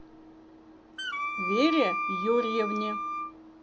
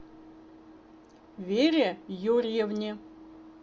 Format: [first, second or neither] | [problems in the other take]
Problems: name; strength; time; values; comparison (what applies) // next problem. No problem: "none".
second | background sound (Wind instrument, woodwind instrument); 2 dB below the speech